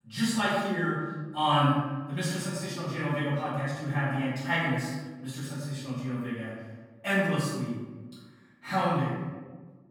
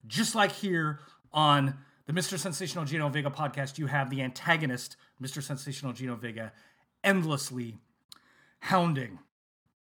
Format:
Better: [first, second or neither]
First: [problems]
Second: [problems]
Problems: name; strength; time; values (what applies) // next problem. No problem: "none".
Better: second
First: off-mic speech; far // room echo; strong; dies away in 1.2 s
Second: none